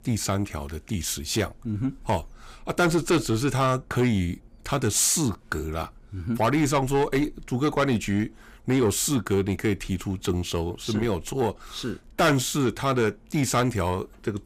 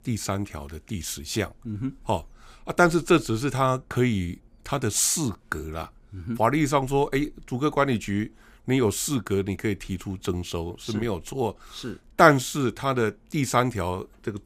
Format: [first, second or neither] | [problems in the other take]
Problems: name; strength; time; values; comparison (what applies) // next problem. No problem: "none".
second | distortion; heavy; 8 dB below the speech